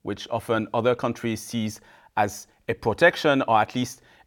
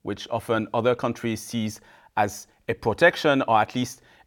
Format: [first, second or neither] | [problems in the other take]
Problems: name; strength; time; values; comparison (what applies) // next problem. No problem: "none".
neither | none